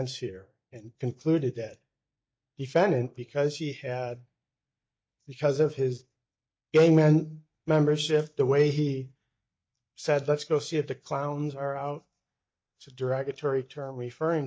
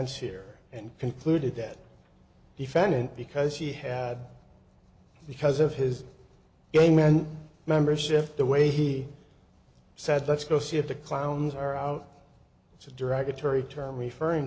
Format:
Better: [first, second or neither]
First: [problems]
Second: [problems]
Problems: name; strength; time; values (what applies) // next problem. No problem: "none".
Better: second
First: noise reduction (neural mask model DeepFilterNet 3)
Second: none